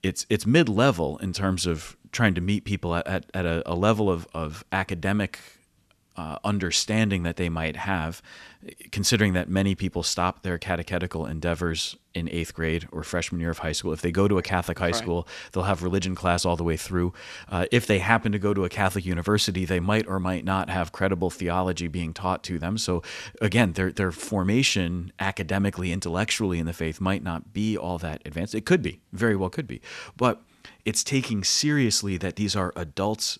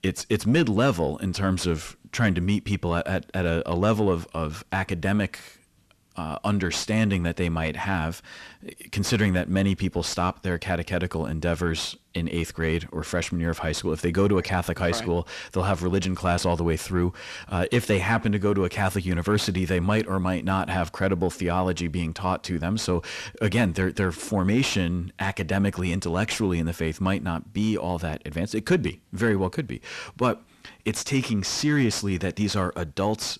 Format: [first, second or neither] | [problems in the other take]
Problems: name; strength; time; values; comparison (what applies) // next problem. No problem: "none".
first | distortion; slight; 10 dB below the speech